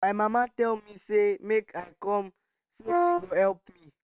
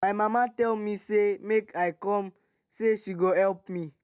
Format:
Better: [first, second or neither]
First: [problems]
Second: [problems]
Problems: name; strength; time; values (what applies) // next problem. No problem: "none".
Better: second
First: noise reduction (neural separator model SepFormer WHAM!)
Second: none